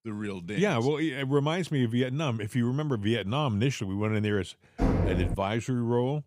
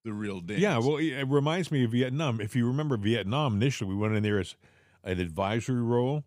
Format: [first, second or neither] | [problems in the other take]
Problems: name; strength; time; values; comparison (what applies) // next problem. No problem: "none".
second | door banging; loud; at 5 s; peak 2 dB above the speech